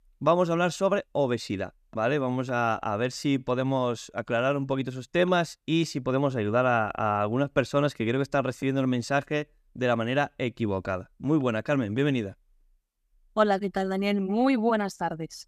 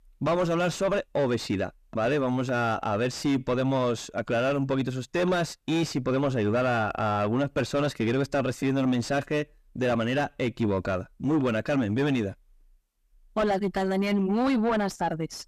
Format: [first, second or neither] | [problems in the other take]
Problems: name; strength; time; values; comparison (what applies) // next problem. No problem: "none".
first | distortion; heavy; 7 dB below the speech